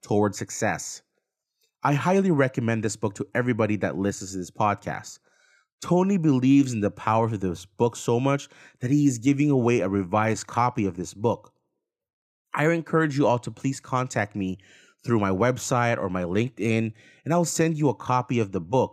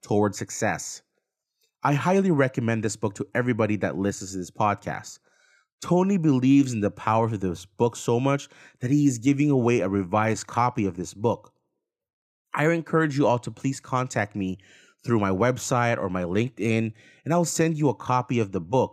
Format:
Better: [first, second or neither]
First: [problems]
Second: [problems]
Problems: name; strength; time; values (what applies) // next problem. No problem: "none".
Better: neither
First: none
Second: none